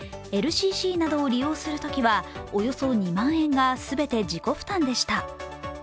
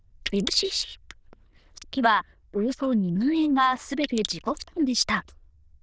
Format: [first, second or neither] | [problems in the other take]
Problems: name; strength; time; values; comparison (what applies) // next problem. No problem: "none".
first | noise reduction (neural diffusion model UNIVERSE++)